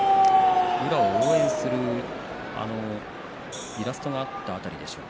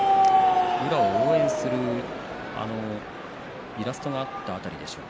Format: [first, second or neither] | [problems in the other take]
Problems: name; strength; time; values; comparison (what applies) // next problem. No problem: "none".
second | background sound (Hi-hat); 19 dB below the speech